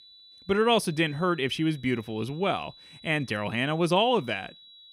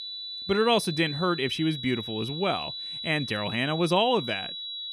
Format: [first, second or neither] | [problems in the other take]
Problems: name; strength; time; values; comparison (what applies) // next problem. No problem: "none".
first | high-pitched whine; loud; throughout; 4 kHz, 7 dB below the speech; faint in the first